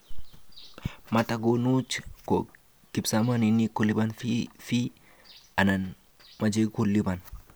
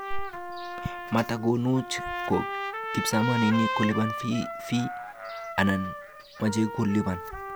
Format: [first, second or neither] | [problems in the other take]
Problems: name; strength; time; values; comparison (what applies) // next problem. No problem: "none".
first | background sound (Trumpet); 6 dB below the speech